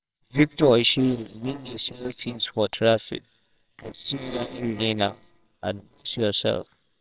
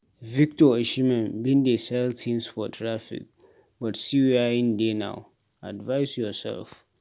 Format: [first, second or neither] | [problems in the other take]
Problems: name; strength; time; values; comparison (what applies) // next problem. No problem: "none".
second | noise reduction (neural separator model SepFormer WHAMR!)